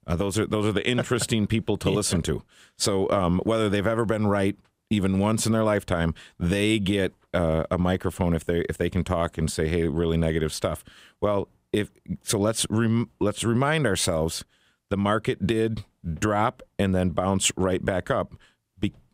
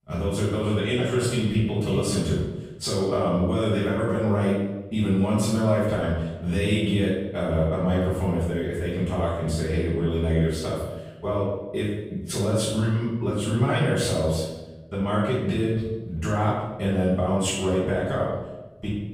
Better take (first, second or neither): first